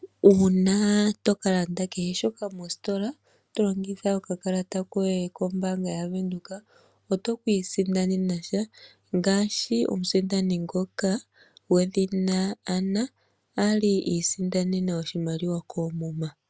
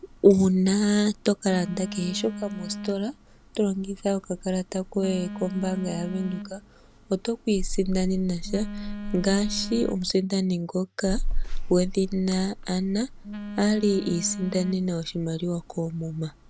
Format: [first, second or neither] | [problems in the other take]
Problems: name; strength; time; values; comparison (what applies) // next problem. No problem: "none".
first | background sound (Telephone); 8 dB below the speech